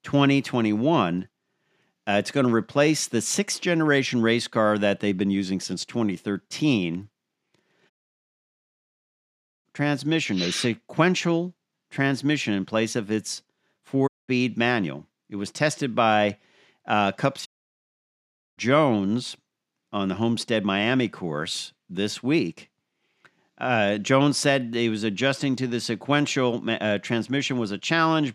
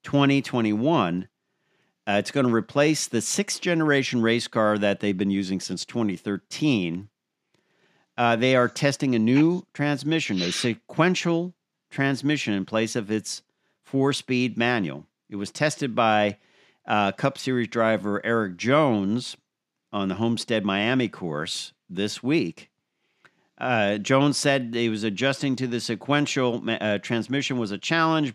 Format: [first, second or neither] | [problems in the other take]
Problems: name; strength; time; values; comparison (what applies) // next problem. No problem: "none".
second | audio cutting out; at 8 s for 2 s, at 14 s and at 17 s for 1 s